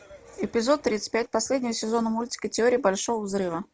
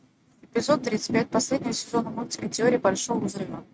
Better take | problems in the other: first | noise reduction (neural mask model RNNoise)

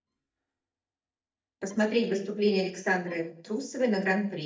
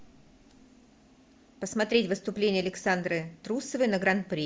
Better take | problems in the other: second | noise reduction (neural mask model DeepFilterNet 3)

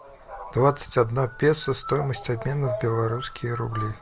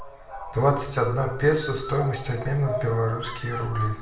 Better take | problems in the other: first | background sound (Cupboard open or close); 17 dB below the speech // room echo; dies away in 0.6 s

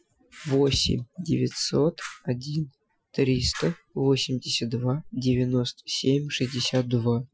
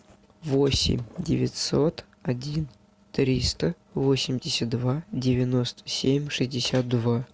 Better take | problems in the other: second | noise reduction (classical method Wiener filter)

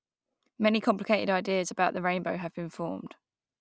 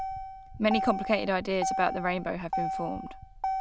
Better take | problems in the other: first | background sound (Motor vehicle (road)); 3 dB below the speech

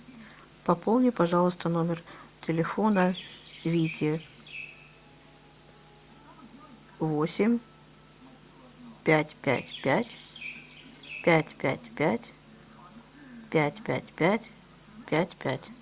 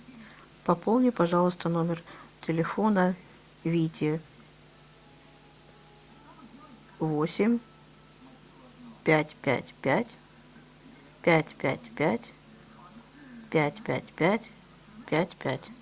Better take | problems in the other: second | background sound (Chirp, tweet); 16 dB below the speech

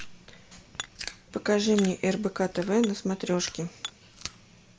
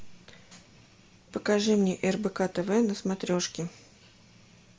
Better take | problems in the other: second | background sound (Hammer + Chewing, mastication); 15 dB below the speech

